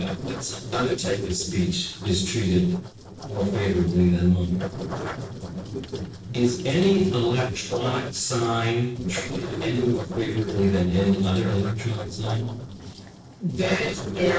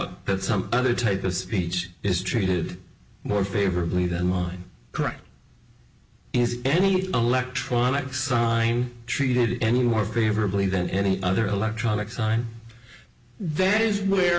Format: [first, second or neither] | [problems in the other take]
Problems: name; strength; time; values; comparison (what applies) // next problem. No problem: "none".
second | noise reduction (neural separator model SepFormer DNS4)